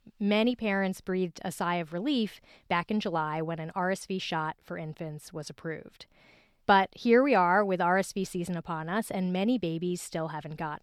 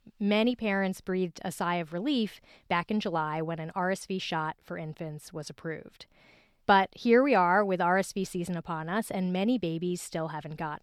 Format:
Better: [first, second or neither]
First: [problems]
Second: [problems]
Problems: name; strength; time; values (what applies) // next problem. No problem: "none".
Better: neither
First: none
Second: none